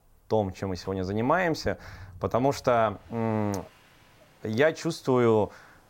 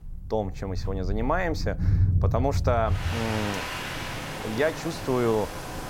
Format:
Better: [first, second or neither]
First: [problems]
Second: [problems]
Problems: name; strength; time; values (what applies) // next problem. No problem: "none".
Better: first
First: rain or running water; faint; throughout; 25 dB below the speech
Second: rain or running water; loud; throughout; 1 dB below the speech